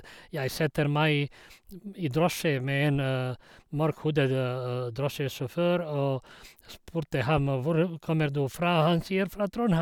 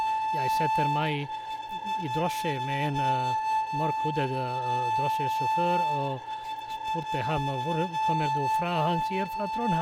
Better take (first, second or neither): first